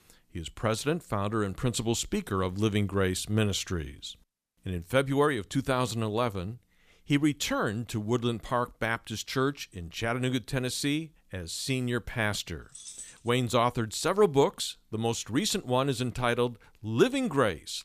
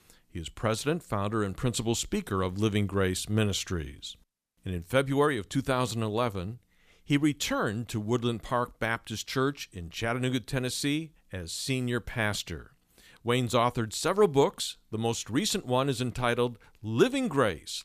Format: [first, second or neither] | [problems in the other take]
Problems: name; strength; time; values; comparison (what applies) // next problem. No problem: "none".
second | jangling keys; faint; at 13 s; peak 15 dB below the speech